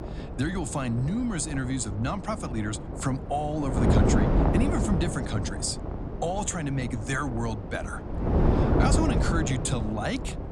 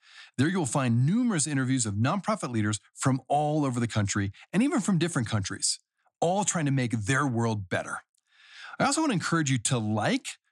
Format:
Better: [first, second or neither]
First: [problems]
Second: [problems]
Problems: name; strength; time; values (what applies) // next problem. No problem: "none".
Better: second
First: wind noise on the microphone; heavy; 2 dB below the speech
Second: none